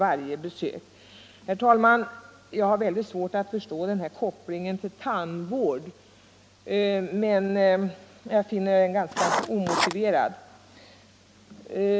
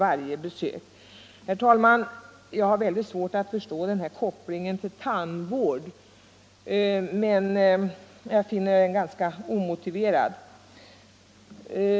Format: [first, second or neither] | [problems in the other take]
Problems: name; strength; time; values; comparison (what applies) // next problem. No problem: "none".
second | background sound (Writing); 1 dB below the speech